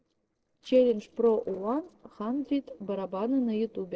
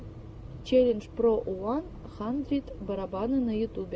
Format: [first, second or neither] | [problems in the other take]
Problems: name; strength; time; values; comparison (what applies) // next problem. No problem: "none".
second | noise reduction (neural separator model SepFormer DNS4)